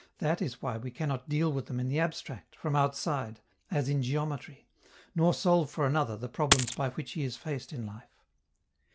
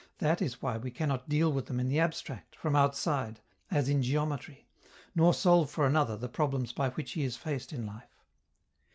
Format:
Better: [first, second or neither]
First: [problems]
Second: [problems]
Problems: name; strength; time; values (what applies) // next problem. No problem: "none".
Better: second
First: background sound (Coin (dropping)); 3 dB above the speech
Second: none